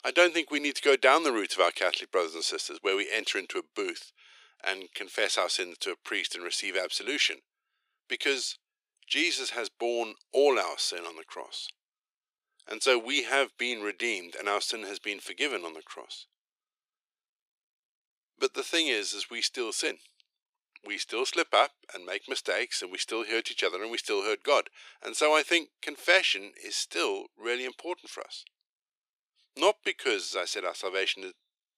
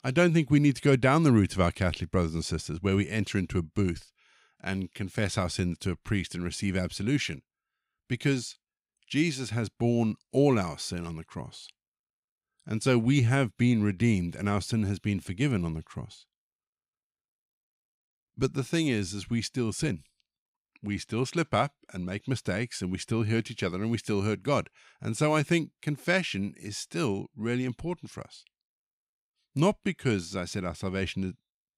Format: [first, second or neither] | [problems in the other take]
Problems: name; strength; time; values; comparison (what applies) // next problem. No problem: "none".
second | thin; very; fading below 400 Hz